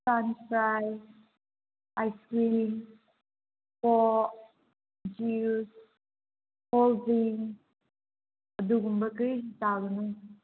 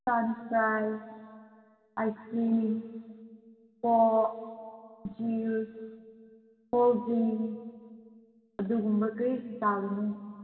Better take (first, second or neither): first